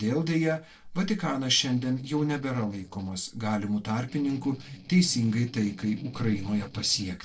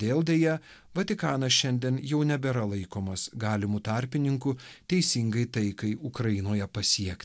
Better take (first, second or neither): second